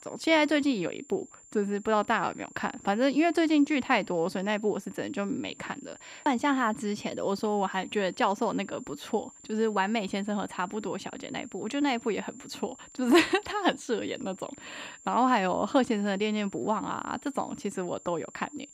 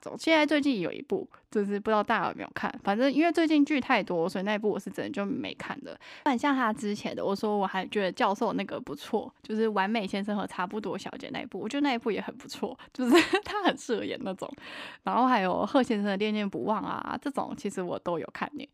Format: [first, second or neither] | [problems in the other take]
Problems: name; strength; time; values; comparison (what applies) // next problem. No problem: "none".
second | high-pitched whine; faint; throughout; 7.5 kHz, 20 dB below the speech